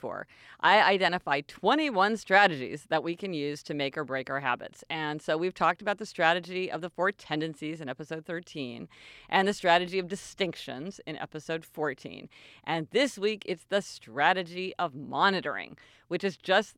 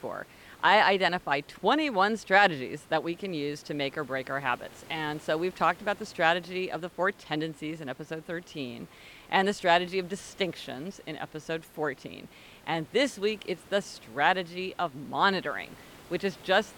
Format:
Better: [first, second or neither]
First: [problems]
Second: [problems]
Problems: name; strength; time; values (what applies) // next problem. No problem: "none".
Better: first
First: none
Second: hiss; faint; throughout; 25 dB below the speech